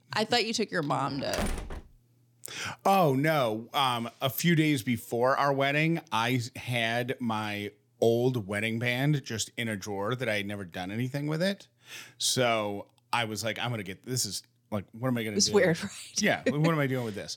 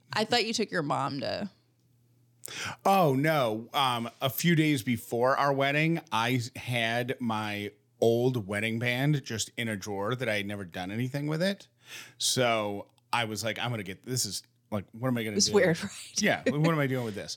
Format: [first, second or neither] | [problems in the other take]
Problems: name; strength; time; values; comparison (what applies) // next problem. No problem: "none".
second | door banging; noticeable; at 1 s; peak 6 dB below the speech